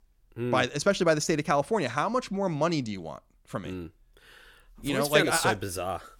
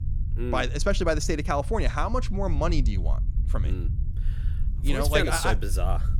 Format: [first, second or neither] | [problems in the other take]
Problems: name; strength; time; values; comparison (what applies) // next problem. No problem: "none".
first | low rumble; noticeable; throughout; 20 dB below the speech